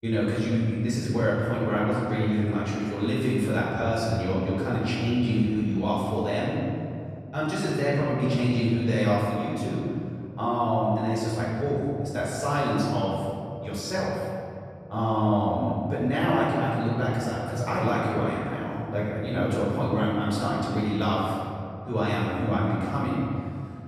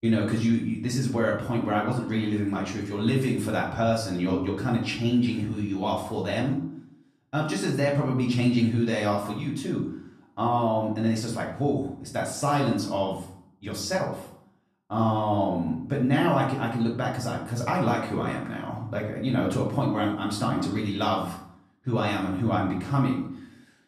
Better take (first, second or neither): second